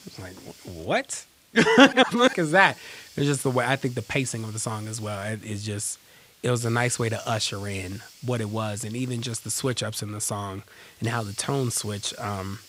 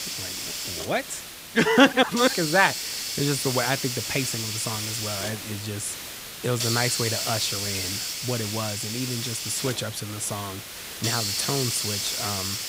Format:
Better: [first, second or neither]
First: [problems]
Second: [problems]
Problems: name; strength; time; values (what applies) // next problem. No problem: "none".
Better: first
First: hiss; faint; throughout; 20 dB below the speech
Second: hiss; loud; throughout; 2 dB below the speech